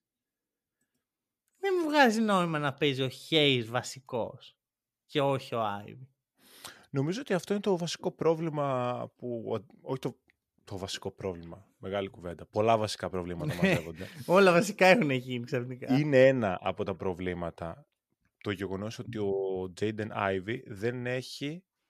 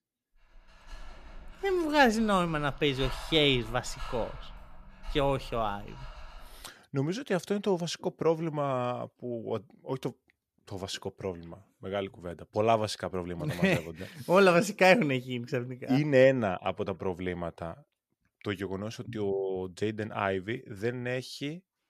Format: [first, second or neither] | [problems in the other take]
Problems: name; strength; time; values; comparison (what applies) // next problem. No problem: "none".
first | dog barking; faint; from 0.5 to 6.5 s; peak 10 dB below the speech